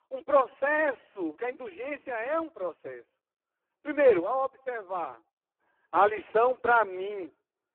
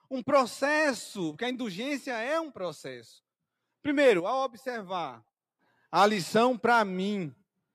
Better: second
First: phone-call audio; poor line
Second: none

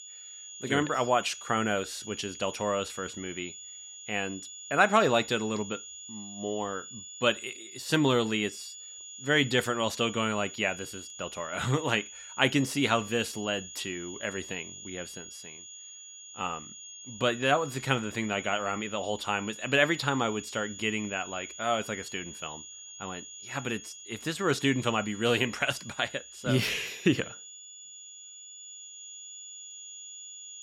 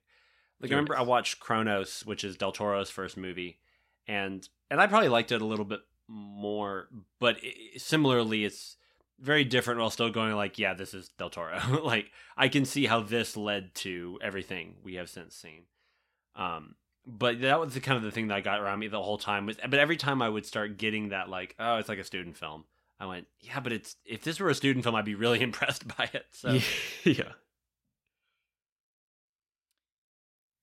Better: second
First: high-pitched whine; noticeable; throughout; 7 kHz, 15 dB below the speech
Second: none

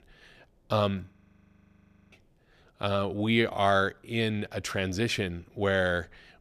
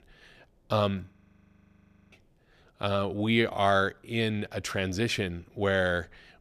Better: neither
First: audio freezing; at 1 s for 1 s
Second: audio freezing; at 1 s for 1 s

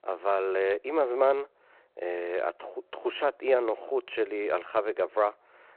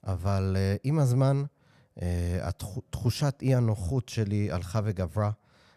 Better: second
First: phone-call audio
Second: none

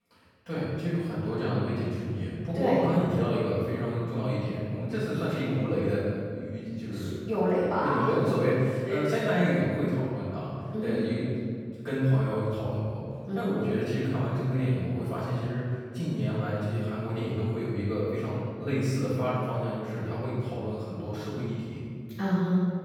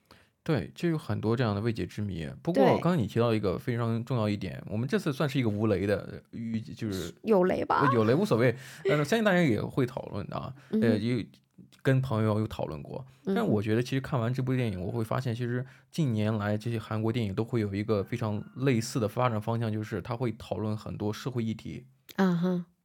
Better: second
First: off-mic speech; far // room echo; strong; dies away in 2 s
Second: none

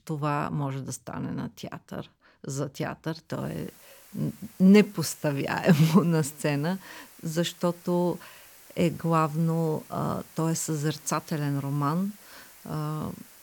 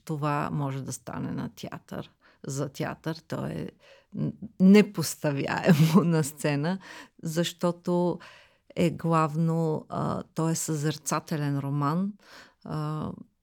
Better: second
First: hiss; faint; from 3.5 s on; 20 dB below the speech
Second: none

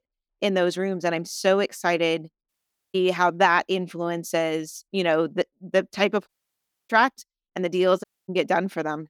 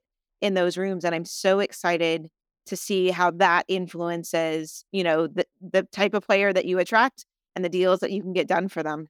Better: second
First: audio cutting out; at 2.5 s, at 6.5 s for 0.5 s and at 8 s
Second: none

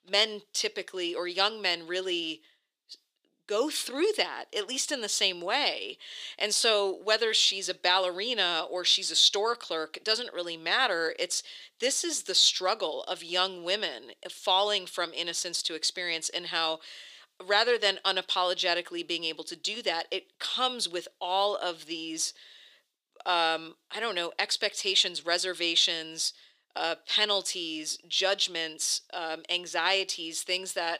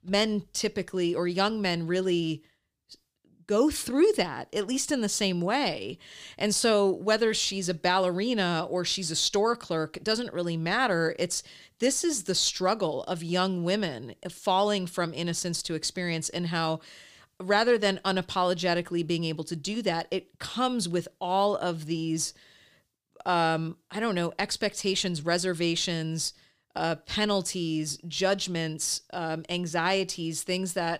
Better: second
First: thin; very; fading below 400 Hz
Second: none

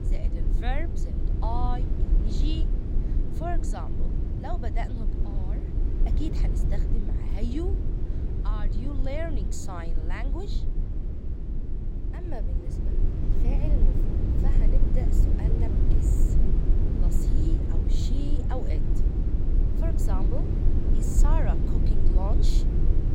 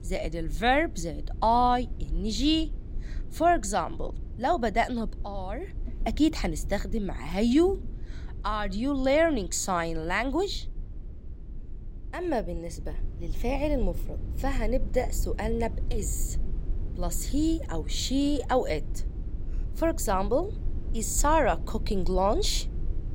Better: second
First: low rumble; loud; throughout; 2 dB below the speech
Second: low rumble; faint; throughout; 25 dB below the speech

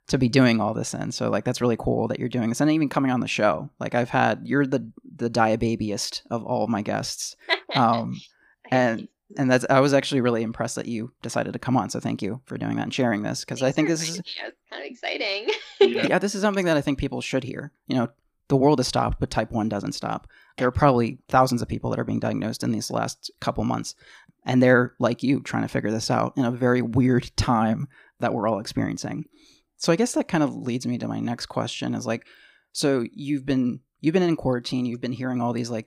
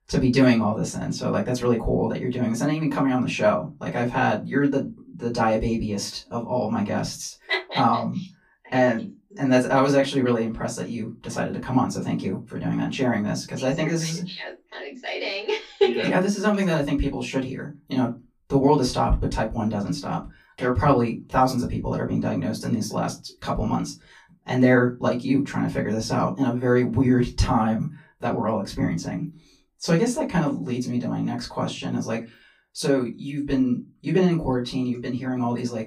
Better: first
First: none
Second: off-mic speech; far // room echo; very slight; dies away in 0.2 s

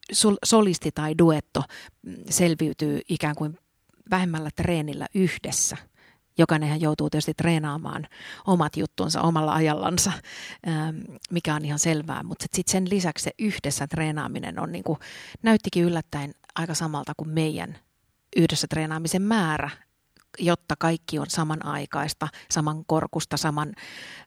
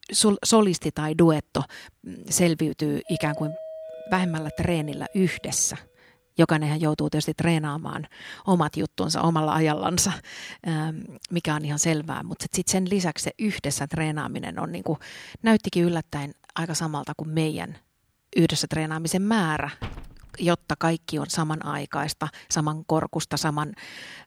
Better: first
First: none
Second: doorbell; faint; from 3 to 5.5 s; peak 10 dB below the speech // door banging; faint; at 20 s; peak 15 dB below the speech

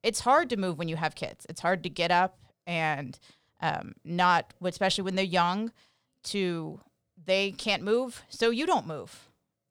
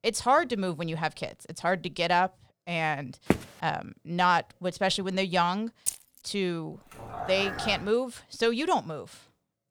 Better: first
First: none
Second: footsteps; noticeable; at 3.5 s; peak 1 dB below the speech // jangling keys; noticeable; at 6 s; peak 4 dB below the speech // dog barking; noticeable; at 7 s; peak 7 dB below the speech

